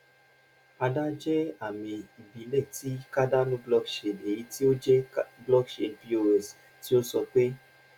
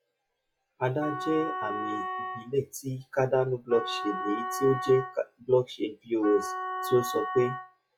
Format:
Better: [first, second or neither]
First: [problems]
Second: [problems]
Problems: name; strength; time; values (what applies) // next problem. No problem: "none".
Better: first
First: none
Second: noise reduction (classical method log-MMSE)